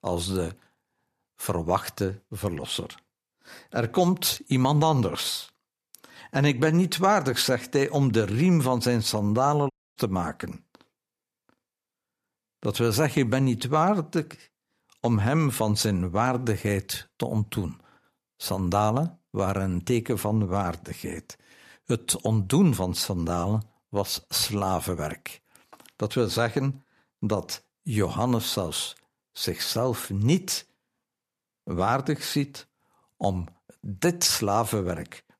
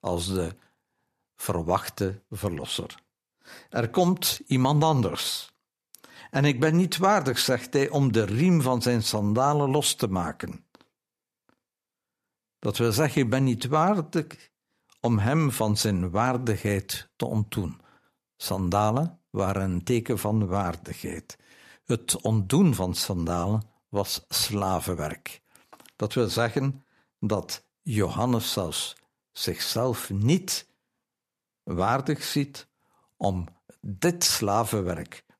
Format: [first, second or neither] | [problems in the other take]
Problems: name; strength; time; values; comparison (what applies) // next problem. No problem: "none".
second | audio cutting out; at 9.5 s